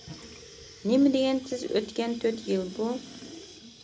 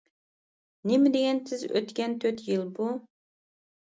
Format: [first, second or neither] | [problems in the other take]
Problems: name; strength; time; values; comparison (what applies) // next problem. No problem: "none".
second | background sound (Sink (filling or washing) / Water tap, faucet); 17 dB below the speech